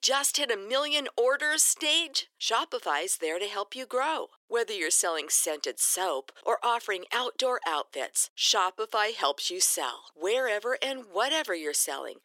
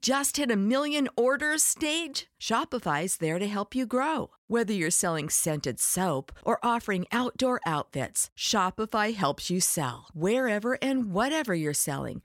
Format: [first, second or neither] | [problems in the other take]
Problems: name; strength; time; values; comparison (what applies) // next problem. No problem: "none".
second | thin; very; fading below 350 Hz